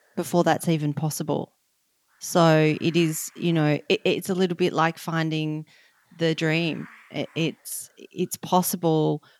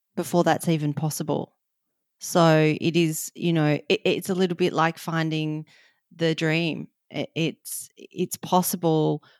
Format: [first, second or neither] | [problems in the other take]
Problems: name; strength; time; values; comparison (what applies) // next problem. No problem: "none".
second | hiss; faint; throughout; 30 dB below the speech